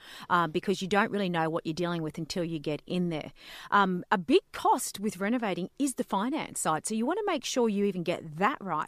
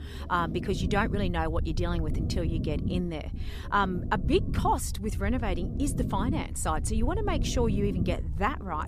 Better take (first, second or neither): first